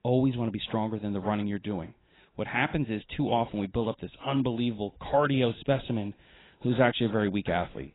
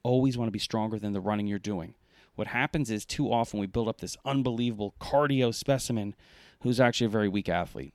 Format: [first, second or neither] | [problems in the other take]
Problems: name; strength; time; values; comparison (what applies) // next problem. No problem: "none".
second | garbled, watery; badly; nothing above 4 kHz